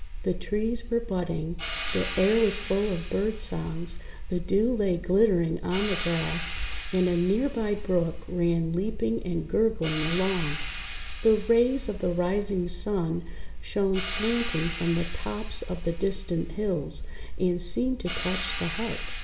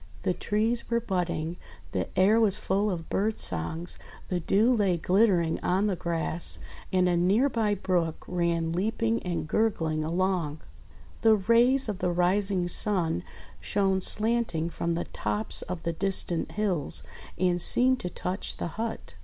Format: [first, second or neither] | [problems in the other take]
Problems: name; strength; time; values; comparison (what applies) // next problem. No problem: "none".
second | background sound (Hi-hat); 13 dB below the speech // room echo; dies away in 0.9 s